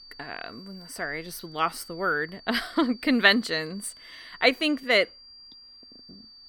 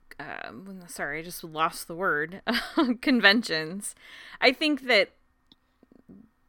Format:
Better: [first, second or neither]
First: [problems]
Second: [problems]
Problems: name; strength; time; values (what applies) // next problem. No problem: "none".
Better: second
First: high-pitched whine; faint; throughout; 4.5 kHz, 20 dB below the speech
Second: none